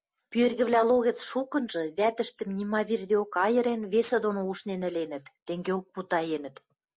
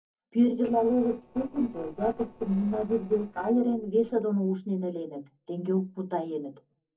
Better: first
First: none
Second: noise reduction (neural separator model SepFormer DNS4)

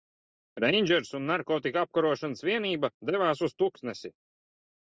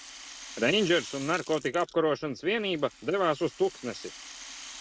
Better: first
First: none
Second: background sound (Chewing, mastication / Crushing + Rattle (instrument)); 16 dB below the speech

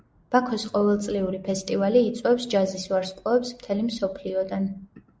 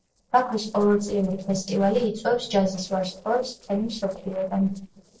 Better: first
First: none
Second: noise reduction (neural separator model SepFormer DNS4)

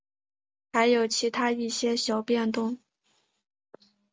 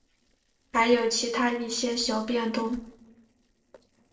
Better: first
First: none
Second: noise reduction (neural separator model SepFormer DNS4)

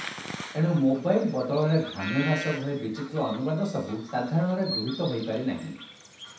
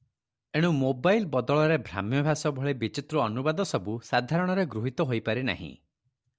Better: second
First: background sound (Bird vocalization, bird call, bird song); 12 dB below the speech // room echo; dies away in 0.7 s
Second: none

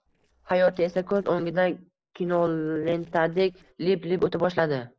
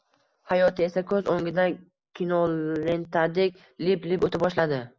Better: second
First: noise reduction (neural separator model SepFormer DNS4)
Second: none

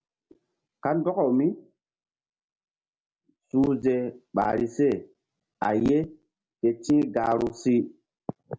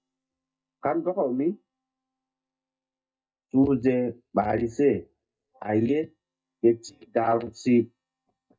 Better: first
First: none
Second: noise reduction (neural mask model DeepFilterNet 3)

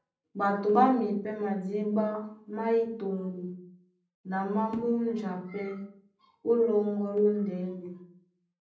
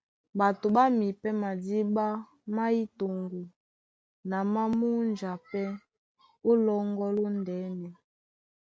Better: second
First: room echo; dies away in 0.6 s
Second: none

